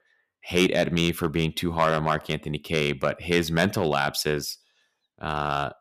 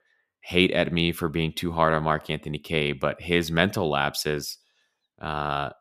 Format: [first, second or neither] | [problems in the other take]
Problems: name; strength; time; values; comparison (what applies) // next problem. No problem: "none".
second | distortion; slight; 1.2% of the sound clipped